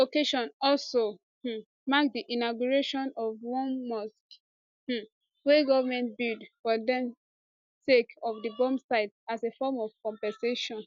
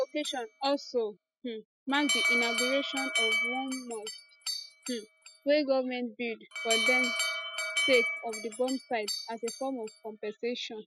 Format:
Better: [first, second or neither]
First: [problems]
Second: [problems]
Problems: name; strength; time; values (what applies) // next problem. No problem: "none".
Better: first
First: none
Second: noise reduction (classical method spectral subtraction)